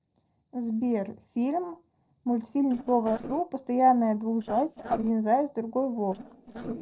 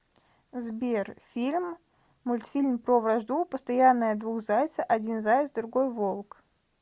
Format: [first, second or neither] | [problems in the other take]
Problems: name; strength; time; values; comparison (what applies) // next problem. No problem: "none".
second | noise reduction (neural separator model SepFormer DNS4)